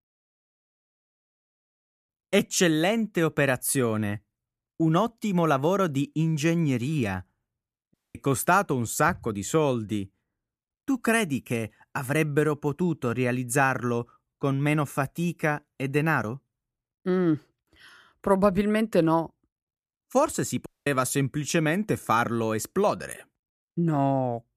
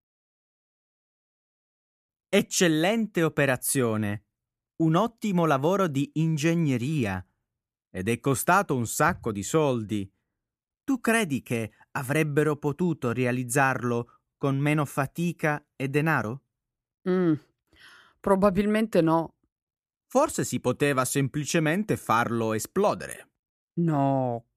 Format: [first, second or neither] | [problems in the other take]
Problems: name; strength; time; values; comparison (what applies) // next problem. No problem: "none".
second | audio cutting out; at 8 s and at 21 s